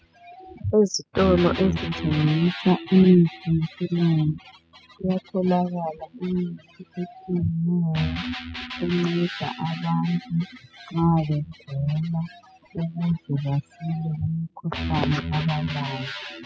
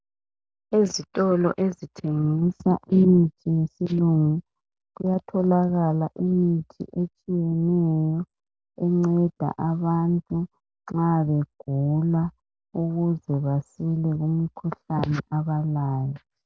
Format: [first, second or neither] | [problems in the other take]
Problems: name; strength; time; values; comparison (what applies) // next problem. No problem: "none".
second | noise reduction (classical method spectral subtraction)